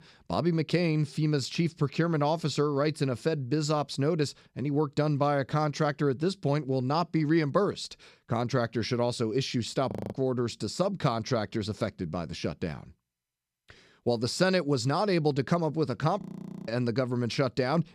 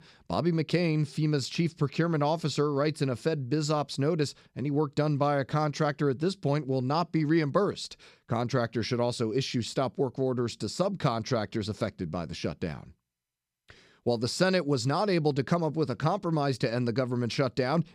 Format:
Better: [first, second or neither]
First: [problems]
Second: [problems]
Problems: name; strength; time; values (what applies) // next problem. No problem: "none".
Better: second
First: audio freezing; at 10 s and at 16 s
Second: none